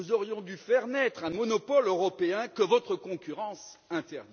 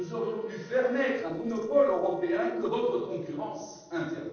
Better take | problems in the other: first | noise reduction (neural separator model SepFormer DNS4)

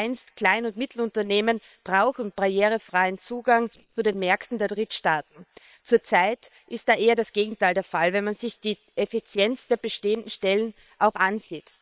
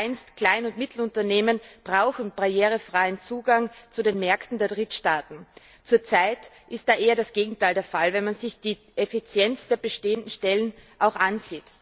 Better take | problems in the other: second | noise reduction (neural separator model SepFormer WHAM!)

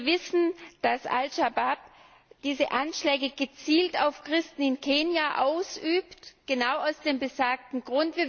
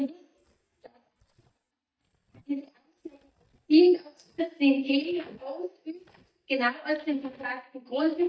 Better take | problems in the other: first | noise reduction (neural mask model DeepFilterNet 3)

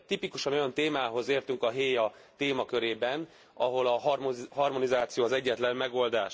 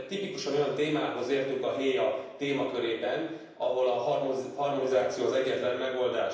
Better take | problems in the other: first | room echo; dies away in 0.9 s

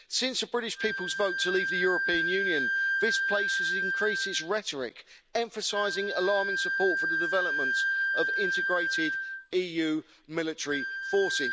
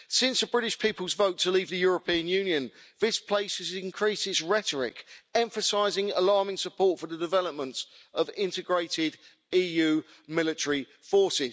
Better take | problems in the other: second | background sound (Wind instrument, woodwind instrument); as loud as the speech

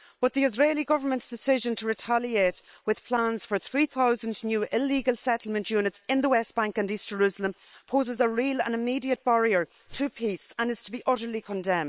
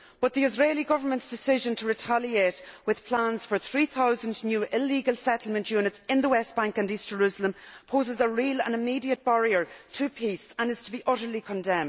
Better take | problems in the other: second | noise reduction (neural separator model SepFormer WHAM!)

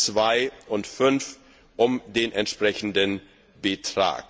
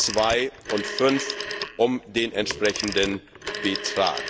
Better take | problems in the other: first | background sound (Telephone); 8 dB below the speech

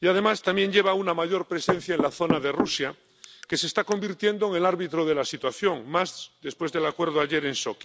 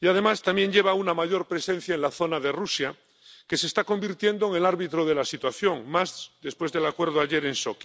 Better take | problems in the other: second | background sound (Knock / Wood); 7 dB below the speech

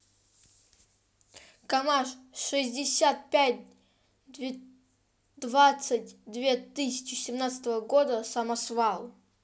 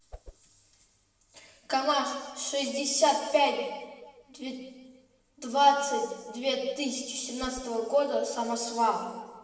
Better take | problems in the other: first | background sound (Whoosh, swoosh, swish); 18 dB below the speech // room echo; dies away in 1.3 s

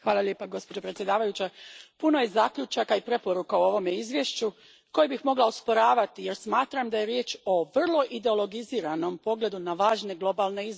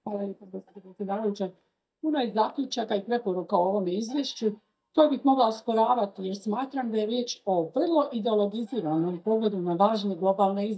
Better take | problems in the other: first | noise reduction (neural mask model DeepFilterNet 3)

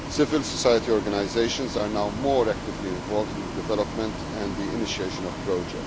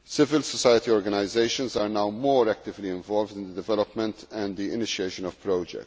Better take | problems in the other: second | background sound (Bus); 6 dB below the speech

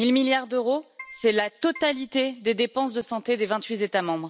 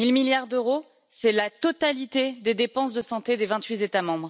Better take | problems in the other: second | background sound (Keyboard (musical)); 17 dB below the speech

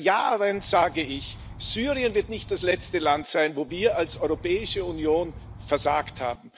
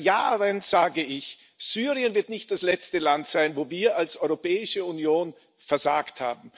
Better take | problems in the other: second | background sound (Insect); 15 dB below the speech

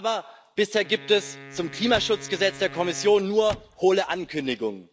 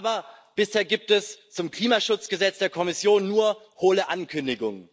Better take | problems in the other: second | background sound (Wind instrument, woodwind instrument + Car); 17 dB below the speech

